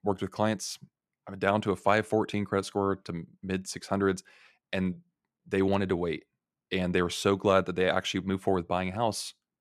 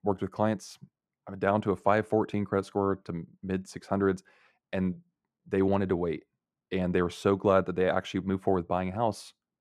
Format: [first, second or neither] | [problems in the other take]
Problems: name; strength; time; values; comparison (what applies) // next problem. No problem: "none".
first | muffled; slightly; fading above 2 kHz